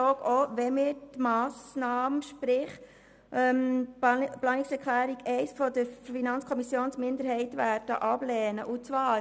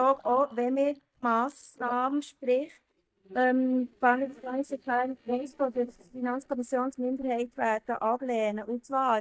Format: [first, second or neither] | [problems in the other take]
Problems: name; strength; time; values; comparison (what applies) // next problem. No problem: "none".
first | noise reduction (neural mask model DeepFilterNet 3)